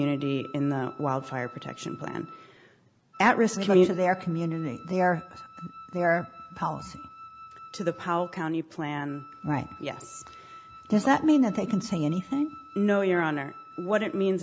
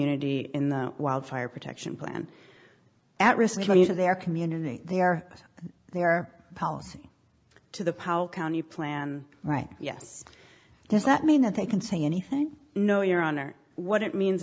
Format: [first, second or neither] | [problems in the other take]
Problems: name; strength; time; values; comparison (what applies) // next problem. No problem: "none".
second | background sound (Wind instrument, woodwind instrument); 19 dB below the speech